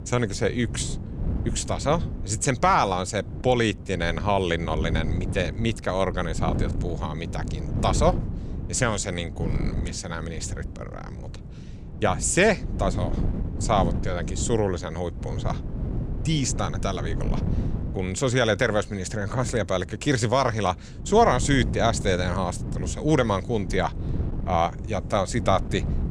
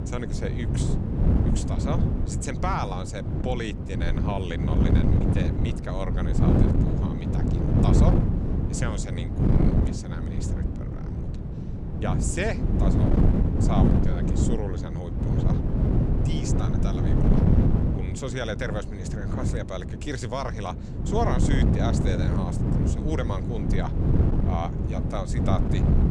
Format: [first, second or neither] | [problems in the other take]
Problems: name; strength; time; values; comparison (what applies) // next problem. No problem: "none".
first | wind noise on the microphone; heavy; as loud as the speech; occasional gusts in the first